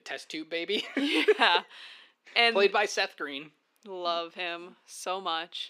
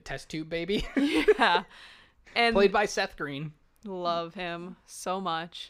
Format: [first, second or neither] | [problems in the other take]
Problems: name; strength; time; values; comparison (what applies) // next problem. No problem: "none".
second | thin; very slightly; fading below 250 Hz